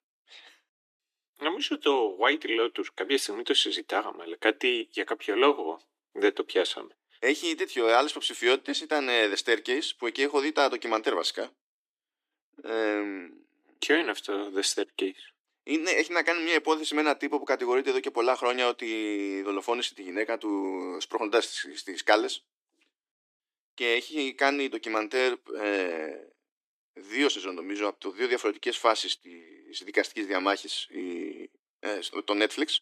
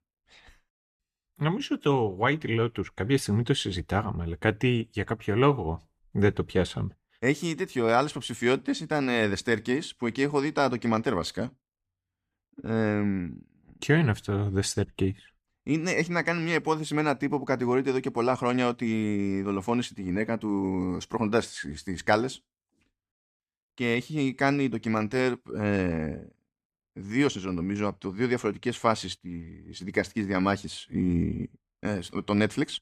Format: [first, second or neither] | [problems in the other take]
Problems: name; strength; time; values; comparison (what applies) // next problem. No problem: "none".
second | thin; somewhat; fading below 300 Hz